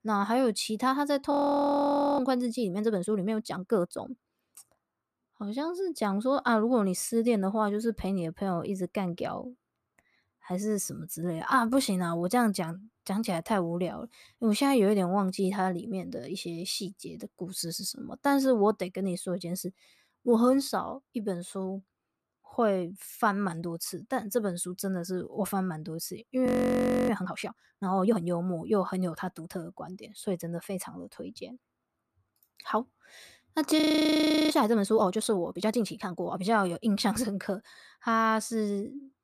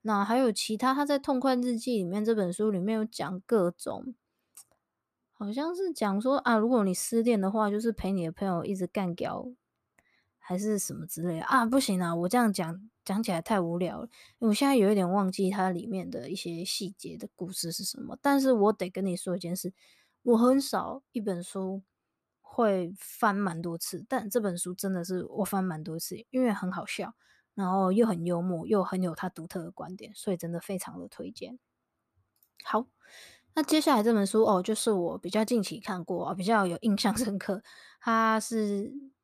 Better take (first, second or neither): second